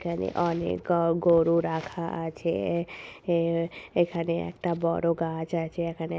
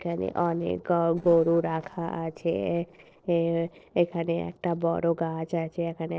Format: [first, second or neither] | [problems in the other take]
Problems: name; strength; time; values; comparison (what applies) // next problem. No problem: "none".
first | noise reduction (neural separator model SepFormer DNS4)